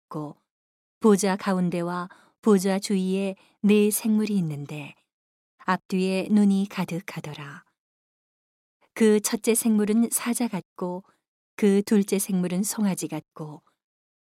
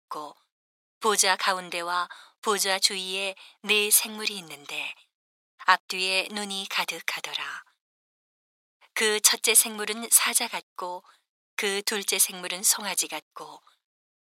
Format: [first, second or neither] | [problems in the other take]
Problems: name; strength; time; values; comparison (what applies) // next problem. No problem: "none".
first | thin; very; fading below 1 kHz